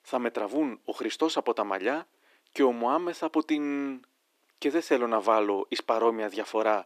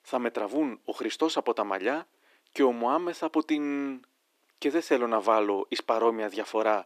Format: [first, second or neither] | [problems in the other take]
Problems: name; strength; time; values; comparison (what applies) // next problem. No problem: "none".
neither | thin; somewhat; fading below 300 Hz; the same in both